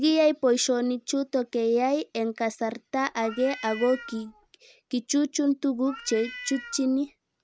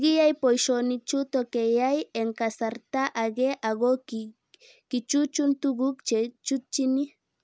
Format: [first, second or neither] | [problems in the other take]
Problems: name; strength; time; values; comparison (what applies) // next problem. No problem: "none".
second | background sound (Meow); 16 dB below the speech